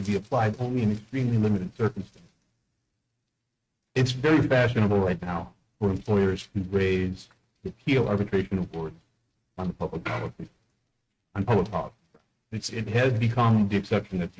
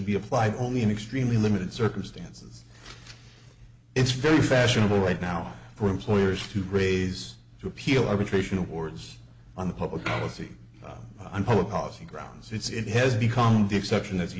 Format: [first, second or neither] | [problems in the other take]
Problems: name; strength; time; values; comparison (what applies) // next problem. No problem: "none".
second | noise reduction (neural mask model RNNoise)